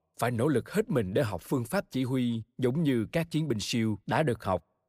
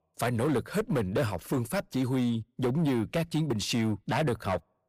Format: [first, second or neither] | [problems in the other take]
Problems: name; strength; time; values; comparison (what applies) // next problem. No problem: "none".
first | distortion; slight; 12% of the sound clipped